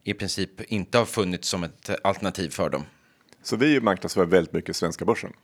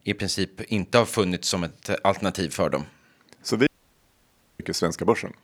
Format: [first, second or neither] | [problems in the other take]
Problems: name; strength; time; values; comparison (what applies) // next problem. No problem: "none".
first | audio cutting out; at 3.5 s for 1 s